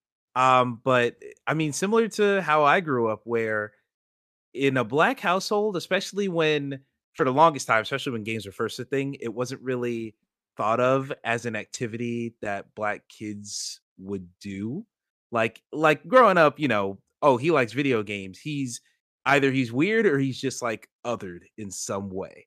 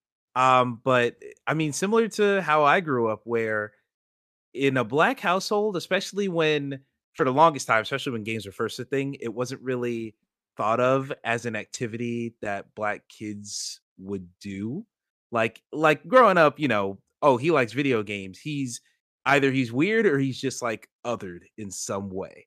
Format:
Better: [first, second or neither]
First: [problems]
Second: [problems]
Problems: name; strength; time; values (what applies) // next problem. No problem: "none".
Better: neither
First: none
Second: none